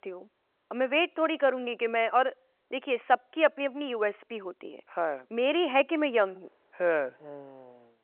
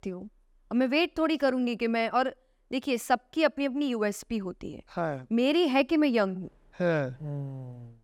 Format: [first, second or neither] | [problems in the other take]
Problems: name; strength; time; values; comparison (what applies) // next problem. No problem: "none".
second | phone-call audio; nothing above 3 kHz